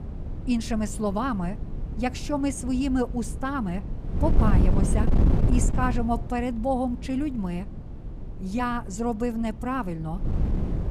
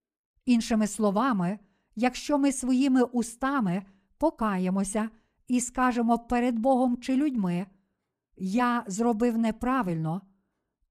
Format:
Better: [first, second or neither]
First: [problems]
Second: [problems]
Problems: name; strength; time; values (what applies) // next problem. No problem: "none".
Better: second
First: wind noise on the microphone; heavy; 9 dB below the speech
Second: none